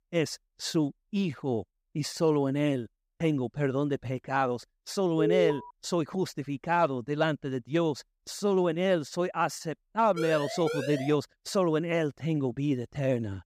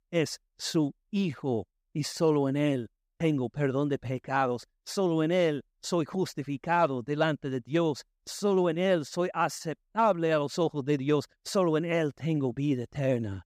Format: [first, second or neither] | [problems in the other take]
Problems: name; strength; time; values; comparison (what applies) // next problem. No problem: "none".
second | alarm; loud; at 5 s; peak 1 dB above the speech // siren; noticeable; at 10 s; peak 5 dB below the speech